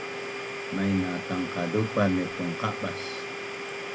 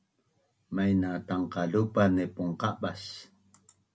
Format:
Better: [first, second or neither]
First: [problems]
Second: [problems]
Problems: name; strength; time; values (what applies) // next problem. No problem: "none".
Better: second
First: background sound (Domestic sounds, home sounds); 5 dB below the speech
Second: none